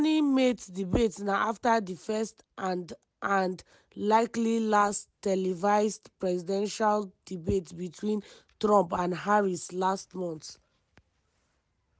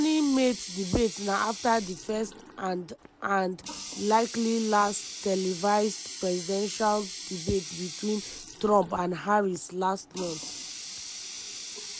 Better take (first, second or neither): first